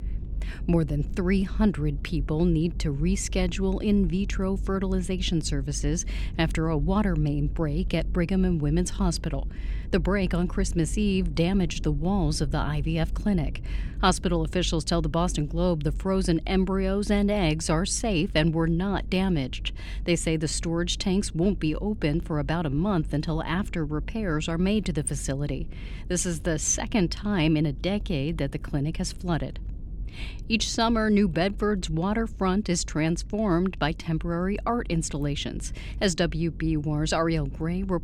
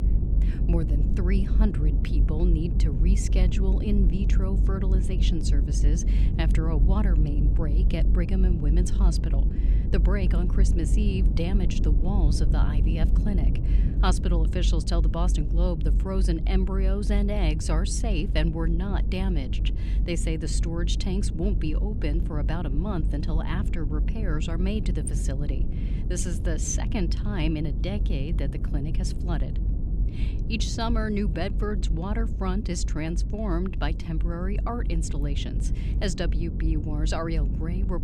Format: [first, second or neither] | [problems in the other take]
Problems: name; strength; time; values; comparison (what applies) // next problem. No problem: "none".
first | low rumble; loud; throughout; 7 dB below the speech; faint in the first